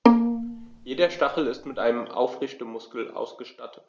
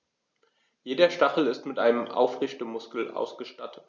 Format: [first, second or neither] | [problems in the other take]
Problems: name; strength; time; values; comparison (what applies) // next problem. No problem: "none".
second | background sound (Bowed string instrument); 4 dB above the speech